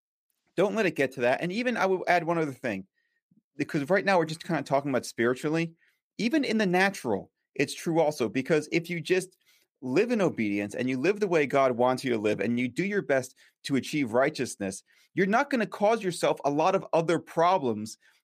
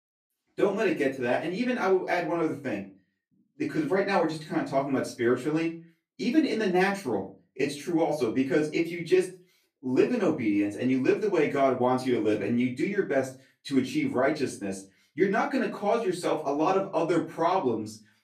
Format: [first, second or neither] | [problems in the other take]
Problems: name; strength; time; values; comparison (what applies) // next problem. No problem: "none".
first | off-mic speech; far // room echo; slight; dies away in 0.3 s